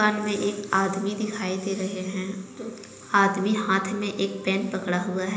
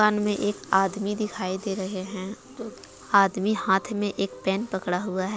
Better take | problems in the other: second | room echo; dies away in 1 s

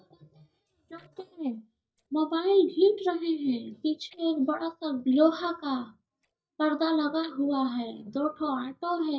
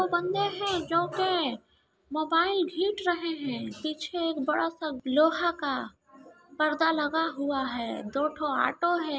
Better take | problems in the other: second | noise reduction (neural mask model DeepFilterNet 3)

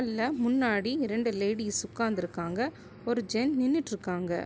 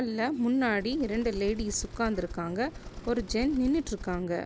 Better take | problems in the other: first | background sound (Bird); 12 dB below the speech

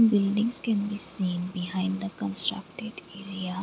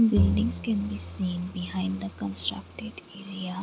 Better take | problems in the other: first | background sound (Bowed string instrument); 3 dB below the speech

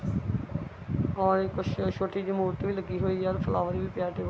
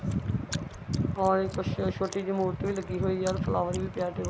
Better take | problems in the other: first | background sound (Chewing, mastication); 19 dB below the speech

